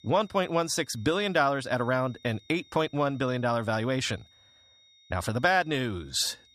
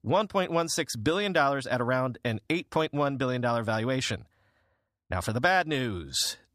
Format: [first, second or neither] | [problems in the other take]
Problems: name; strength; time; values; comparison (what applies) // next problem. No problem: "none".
second | high-pitched whine; faint; throughout; 3.5 kHz, 30 dB below the speech